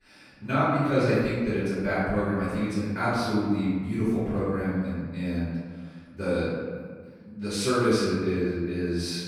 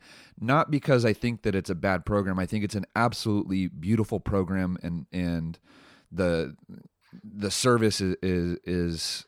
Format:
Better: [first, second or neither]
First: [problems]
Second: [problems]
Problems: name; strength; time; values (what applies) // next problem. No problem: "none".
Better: second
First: off-mic speech; far // room echo; strong; dies away in 1.4 s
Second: none